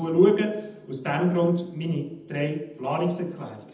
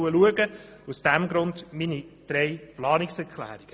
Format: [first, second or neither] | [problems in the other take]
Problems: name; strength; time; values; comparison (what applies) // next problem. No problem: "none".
second | room echo; dies away in 0.8 s